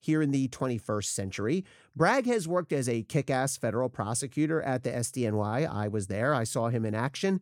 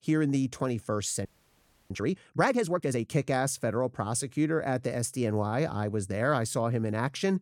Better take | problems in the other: first | audio freezing; at 1.5 s for 0.5 s

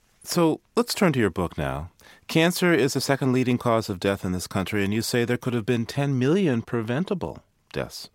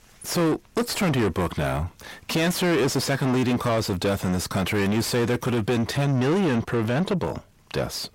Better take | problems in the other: first | distortion; heavy; 6 dB below the speech

